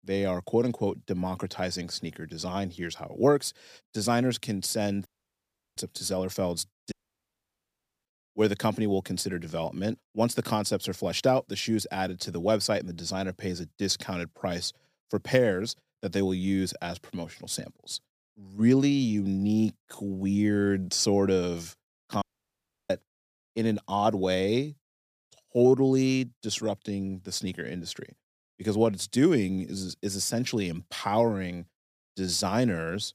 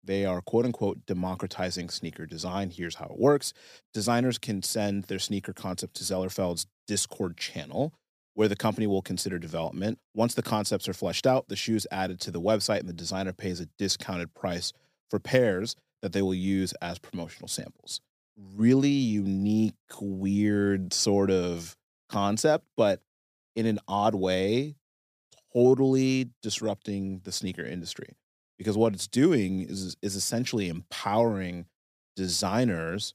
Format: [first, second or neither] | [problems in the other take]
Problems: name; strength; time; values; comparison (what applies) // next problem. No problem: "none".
second | audio cutting out; at 5 s for 0.5 s, at 7 s for 1 s and at 22 s for 0.5 s